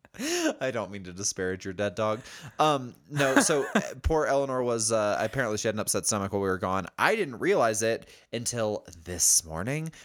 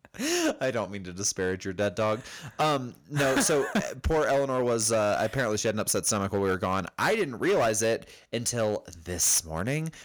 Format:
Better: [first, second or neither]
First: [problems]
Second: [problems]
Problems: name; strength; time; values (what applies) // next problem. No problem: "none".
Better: first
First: none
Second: distortion; slight; 8% of the sound clipped